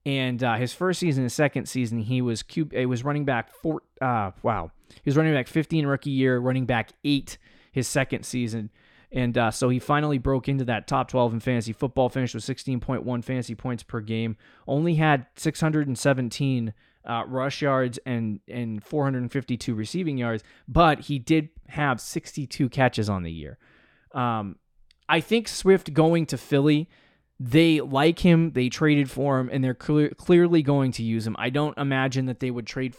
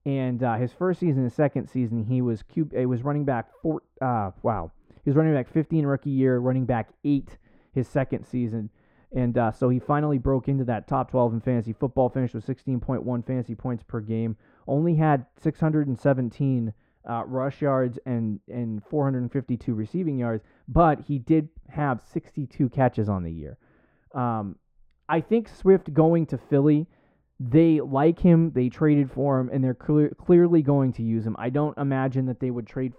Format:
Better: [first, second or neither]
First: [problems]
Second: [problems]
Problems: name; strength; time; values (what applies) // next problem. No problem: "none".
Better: first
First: none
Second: muffled; very; fading above 2 kHz